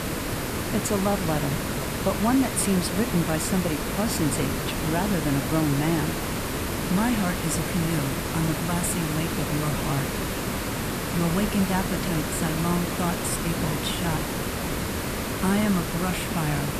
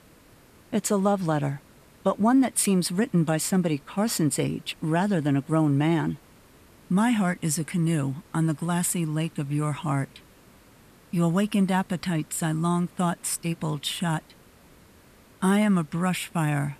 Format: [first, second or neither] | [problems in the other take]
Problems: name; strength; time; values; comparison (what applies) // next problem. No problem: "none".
second | hiss; loud; throughout; 1 dB below the speech; faint in the second